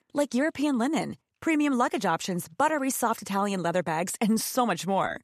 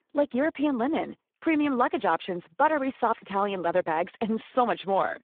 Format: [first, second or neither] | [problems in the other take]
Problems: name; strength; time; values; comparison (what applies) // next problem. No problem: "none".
first | phone-call audio; poor line